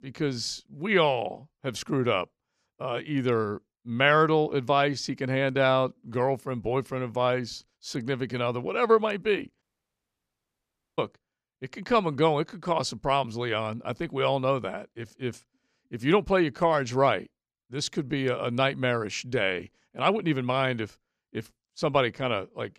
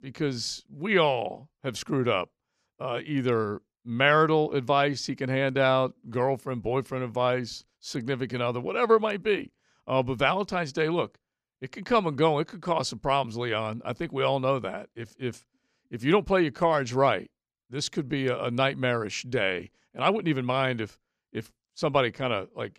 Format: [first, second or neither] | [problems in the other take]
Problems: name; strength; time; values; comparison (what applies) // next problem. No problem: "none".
second | audio cutting out; at 9.5 s for 1.5 s